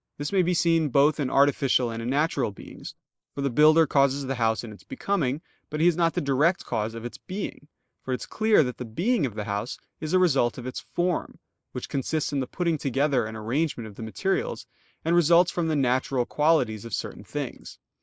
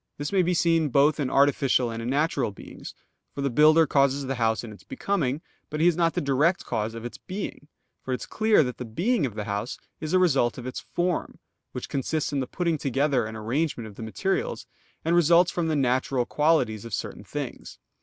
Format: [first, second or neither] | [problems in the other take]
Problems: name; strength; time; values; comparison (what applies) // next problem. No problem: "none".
second | noise reduction (neural mask model Resemble Enhance denoiser)